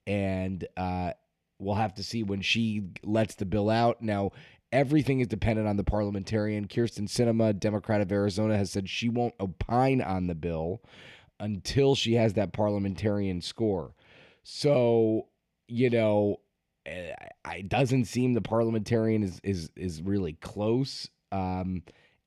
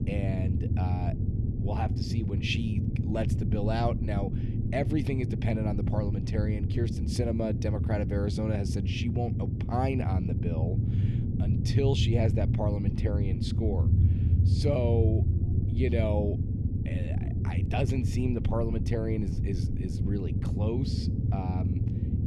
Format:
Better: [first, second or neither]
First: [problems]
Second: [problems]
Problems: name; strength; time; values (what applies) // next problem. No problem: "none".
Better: first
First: none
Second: low rumble; loud; throughout; 5 dB below the speech